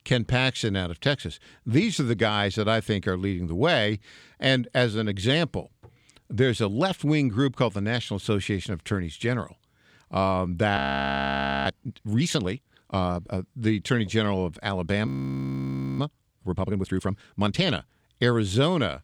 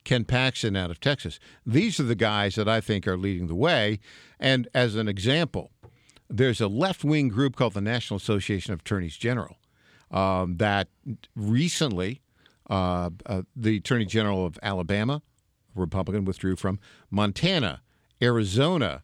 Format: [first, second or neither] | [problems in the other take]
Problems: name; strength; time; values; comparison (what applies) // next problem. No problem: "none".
second | audio freezing; at 11 s for 1 s and at 15 s for 1 s